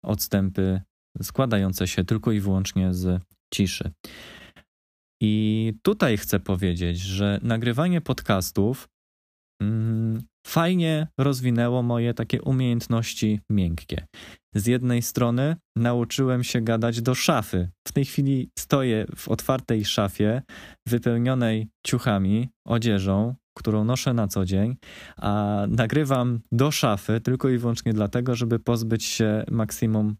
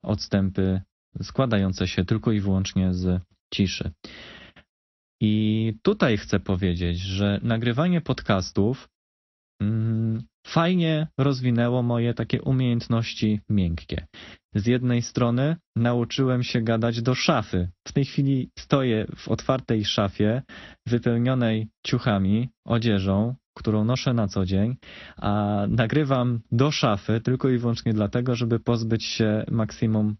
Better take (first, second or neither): first